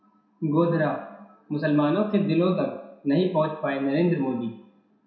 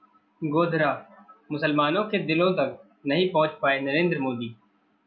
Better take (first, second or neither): second